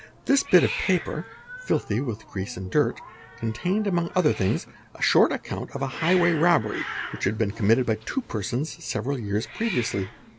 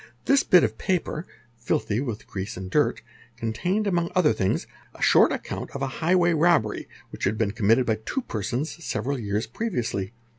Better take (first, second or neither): second